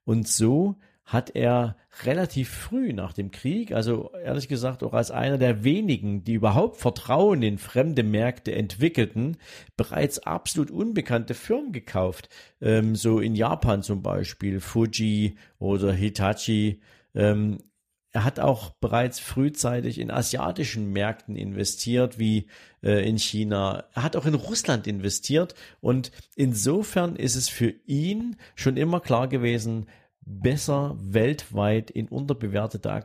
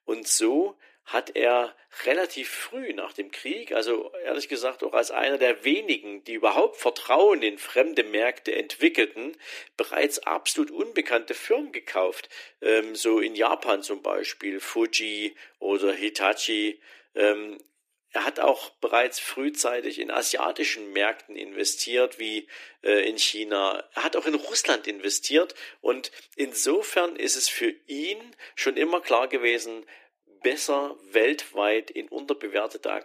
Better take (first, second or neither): first